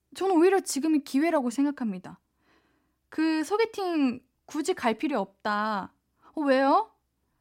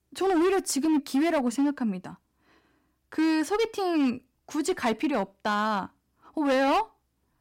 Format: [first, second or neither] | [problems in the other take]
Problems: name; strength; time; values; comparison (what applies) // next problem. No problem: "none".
first | distortion; slight; 10% of the sound clipped